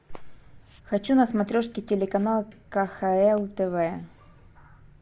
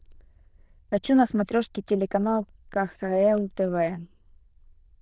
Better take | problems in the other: first | noise reduction (neural diffusion model UNIVERSE++)

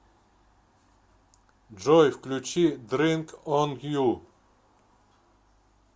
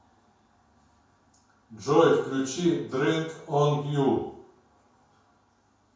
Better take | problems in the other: first | room echo; dies away in 0.5 s

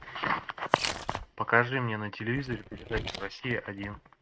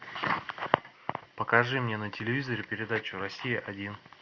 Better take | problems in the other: second | noise reduction (neural mask model RNNoise)

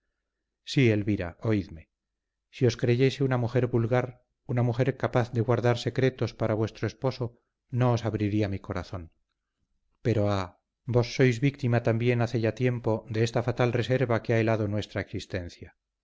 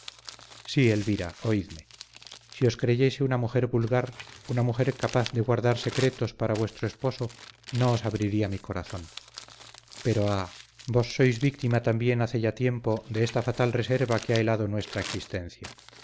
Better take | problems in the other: first | background sound (Crumpling, crinkling); 18 dB below the speech

